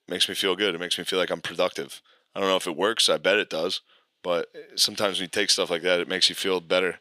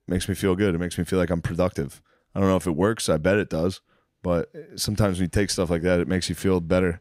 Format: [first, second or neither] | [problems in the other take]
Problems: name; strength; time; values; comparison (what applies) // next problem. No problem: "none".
second | thin; somewhat; fading below 450 Hz